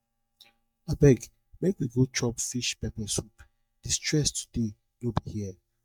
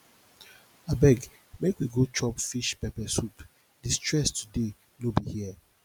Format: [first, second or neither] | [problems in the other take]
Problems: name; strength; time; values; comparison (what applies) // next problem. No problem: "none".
second | noise reduction (neural mask model DeepFilterNet 3)